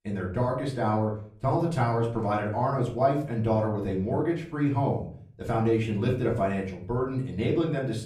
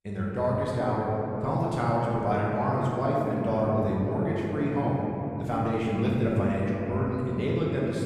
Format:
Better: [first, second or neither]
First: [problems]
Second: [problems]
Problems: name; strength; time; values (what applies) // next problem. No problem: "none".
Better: first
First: room echo; slight; dies away in 0.4 s // off-mic speech; far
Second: room echo; strong; dies away in 3 s // off-mic speech; far